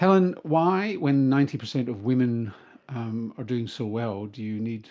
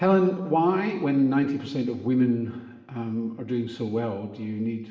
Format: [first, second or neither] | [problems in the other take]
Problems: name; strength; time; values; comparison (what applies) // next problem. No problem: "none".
first | room echo; dies away in 1.1 s